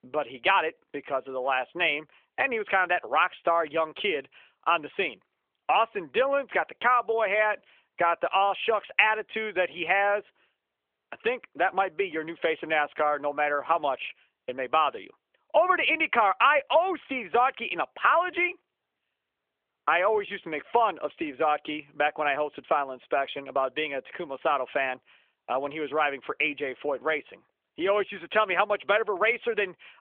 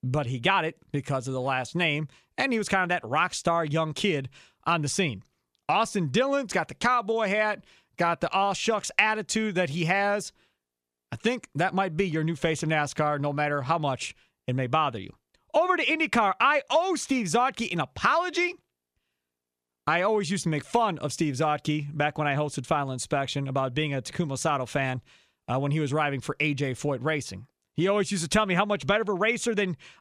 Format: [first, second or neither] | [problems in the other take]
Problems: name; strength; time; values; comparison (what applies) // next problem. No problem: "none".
second | phone-call audio; nothing above 3 kHz